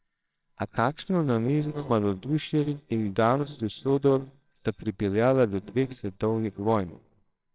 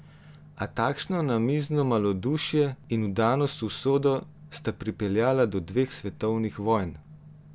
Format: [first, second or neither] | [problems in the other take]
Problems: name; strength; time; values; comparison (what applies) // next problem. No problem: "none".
second | noise reduction (neural separator model SepFormer WHAMR!)